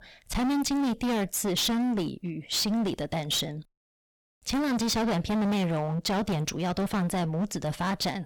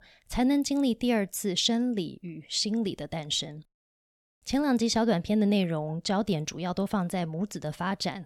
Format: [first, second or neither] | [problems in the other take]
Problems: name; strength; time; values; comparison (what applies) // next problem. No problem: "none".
second | distortion; heavy; 27% of the sound clipped